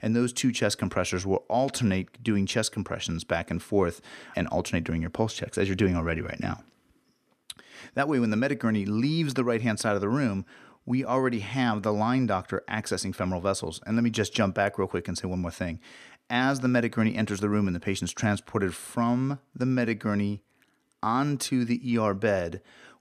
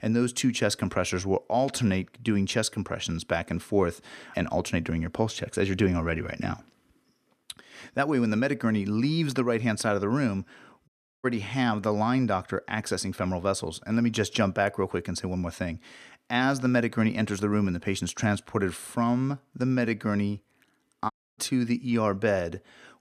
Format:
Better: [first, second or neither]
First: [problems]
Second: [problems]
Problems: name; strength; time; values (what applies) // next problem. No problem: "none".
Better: first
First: none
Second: audio cutting out; at 11 s and at 21 s